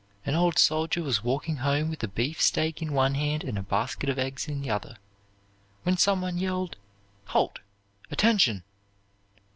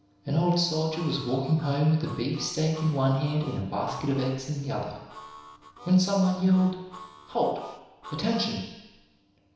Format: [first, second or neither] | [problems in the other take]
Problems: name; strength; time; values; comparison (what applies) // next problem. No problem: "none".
first | background sound (Harmonica); 19 dB below the speech // room echo; dies away in 1 s